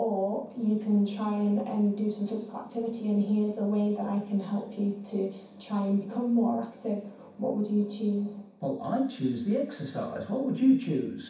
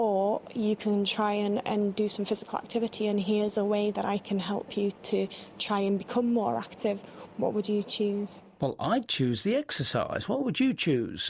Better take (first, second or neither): second